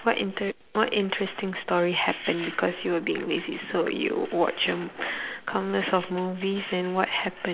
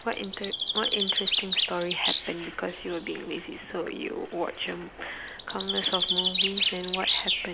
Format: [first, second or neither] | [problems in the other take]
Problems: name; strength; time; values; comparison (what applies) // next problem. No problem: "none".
first | background sound (Bird); 3 dB above the speech